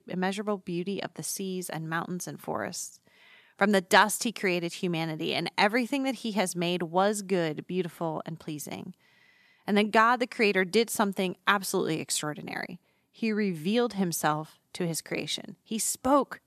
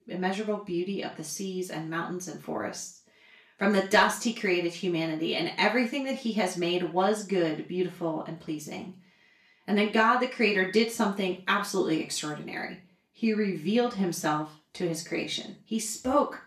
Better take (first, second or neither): first